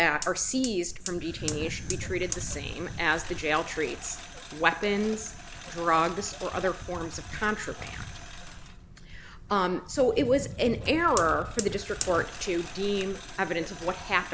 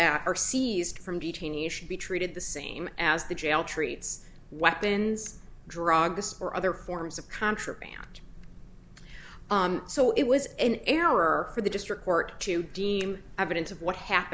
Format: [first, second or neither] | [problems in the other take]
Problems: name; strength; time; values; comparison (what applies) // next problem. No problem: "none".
second | background sound (Engine + Fire); 11 dB below the speech